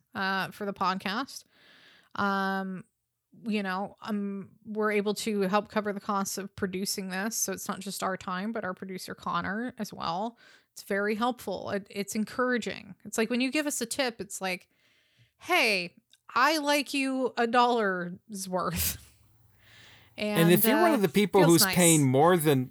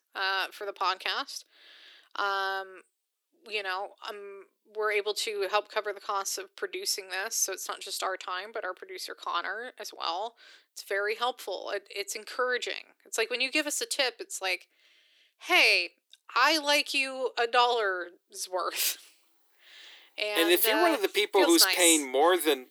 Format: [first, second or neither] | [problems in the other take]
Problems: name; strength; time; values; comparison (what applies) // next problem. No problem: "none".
first | thin; very; fading below 300 Hz